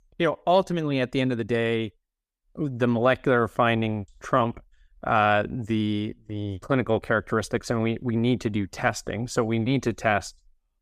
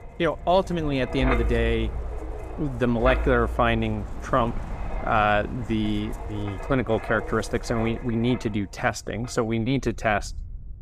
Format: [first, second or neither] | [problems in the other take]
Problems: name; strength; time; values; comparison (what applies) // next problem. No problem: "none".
first | wind noise on the microphone; occasional gusts; 10 dB below the speech